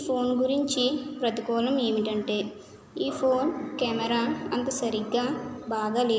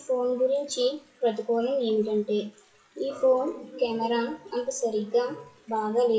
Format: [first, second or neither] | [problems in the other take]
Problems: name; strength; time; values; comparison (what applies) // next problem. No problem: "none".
first | noise reduction (classical method WPE with log-MMSE)